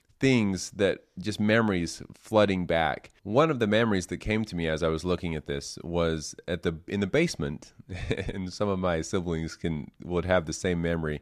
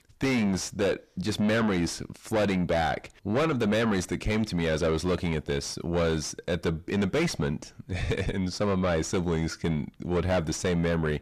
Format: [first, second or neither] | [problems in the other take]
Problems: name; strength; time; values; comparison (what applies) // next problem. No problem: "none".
first | distortion; heavy; 6 dB below the speech